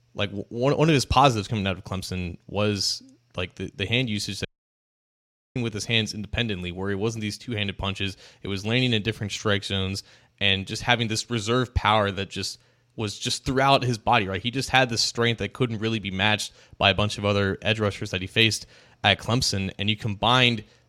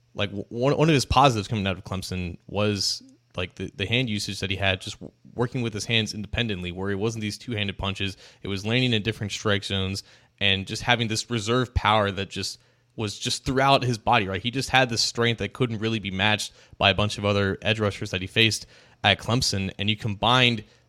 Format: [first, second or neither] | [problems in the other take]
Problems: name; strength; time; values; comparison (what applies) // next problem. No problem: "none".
second | audio cutting out; at 4.5 s for 1 s